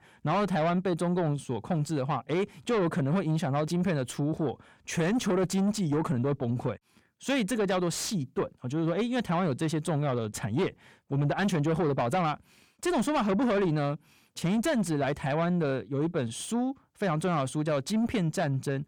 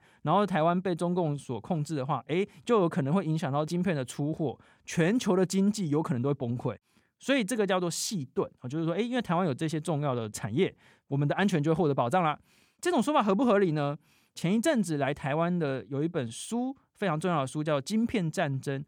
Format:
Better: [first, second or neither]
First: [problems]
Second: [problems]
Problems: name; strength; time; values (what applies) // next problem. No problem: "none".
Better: second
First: distortion; slight; 10 dB below the speech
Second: none